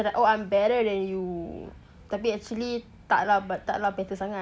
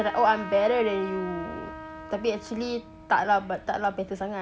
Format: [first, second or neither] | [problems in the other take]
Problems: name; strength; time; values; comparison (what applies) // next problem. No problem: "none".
first | background sound (Trumpet); 13 dB below the speech